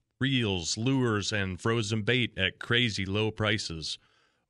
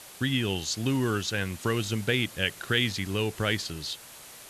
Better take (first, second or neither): first